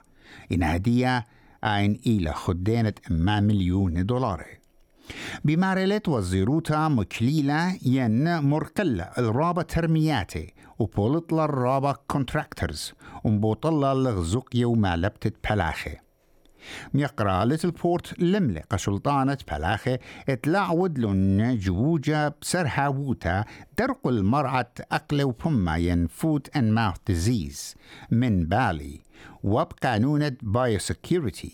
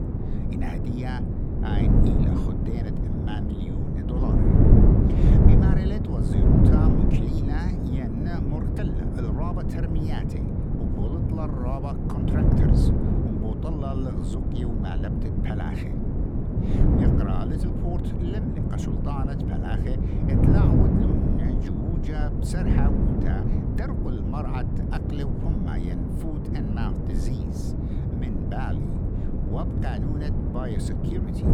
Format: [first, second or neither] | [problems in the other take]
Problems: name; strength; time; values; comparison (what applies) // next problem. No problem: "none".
first | wind noise on the microphone; heavy; 5 dB above the speech